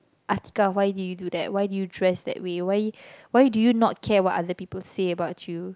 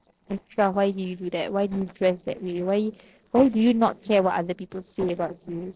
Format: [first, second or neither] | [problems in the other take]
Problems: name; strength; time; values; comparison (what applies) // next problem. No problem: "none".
first | noise reduction (neural separator model SepFormer DNS4)